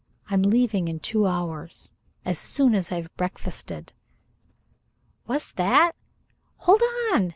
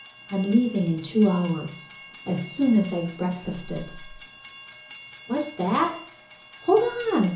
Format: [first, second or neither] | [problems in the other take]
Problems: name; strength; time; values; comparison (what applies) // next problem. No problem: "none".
first | background sound (Train); 20 dB below the speech // room echo; dies away in 0.7 s